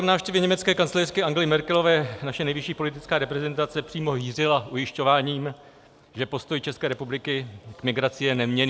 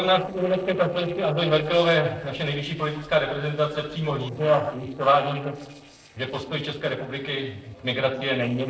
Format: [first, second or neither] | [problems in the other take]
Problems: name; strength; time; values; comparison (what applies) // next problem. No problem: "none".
first | noise reduction (neural separator model SepFormer DNS4)